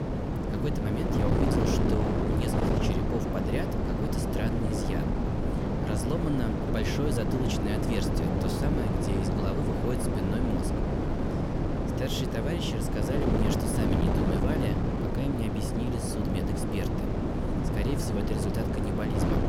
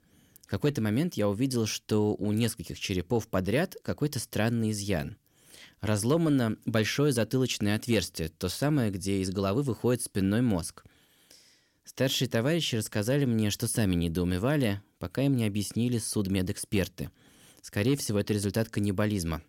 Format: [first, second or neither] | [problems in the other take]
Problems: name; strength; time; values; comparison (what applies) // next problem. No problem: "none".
second | wind noise on the microphone; heavy; 4 dB above the speech